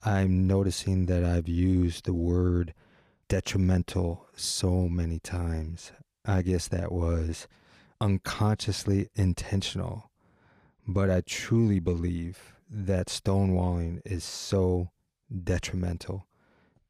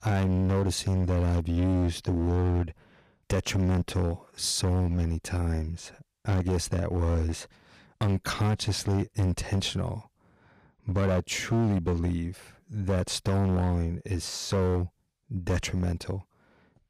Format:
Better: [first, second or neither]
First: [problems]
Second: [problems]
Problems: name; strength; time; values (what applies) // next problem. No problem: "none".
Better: first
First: none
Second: distortion; slight; 13% of the sound clipped